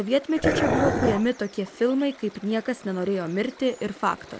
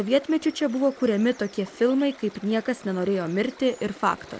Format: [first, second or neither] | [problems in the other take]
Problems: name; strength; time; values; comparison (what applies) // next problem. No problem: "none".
second | background sound (Dog); 1 dB above the speech